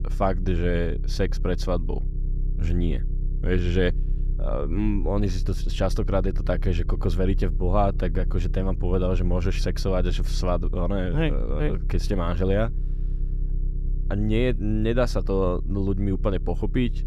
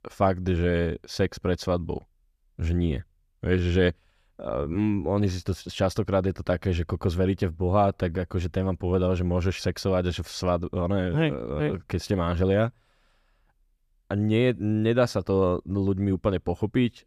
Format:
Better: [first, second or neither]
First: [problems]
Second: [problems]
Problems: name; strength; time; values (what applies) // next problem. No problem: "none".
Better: second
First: low rumble; noticeable; throughout; 20 dB below the speech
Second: none